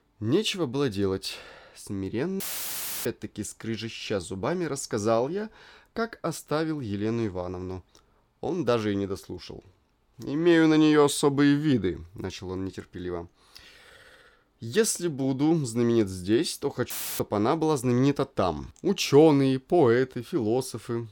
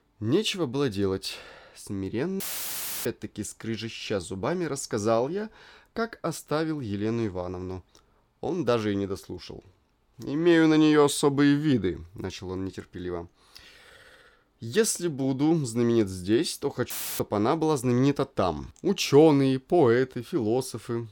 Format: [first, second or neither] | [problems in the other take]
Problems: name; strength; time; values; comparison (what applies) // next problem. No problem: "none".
neither | audio cutting out; filled with static; at 2.5 s for 0.5 s and at 17 s; the same in both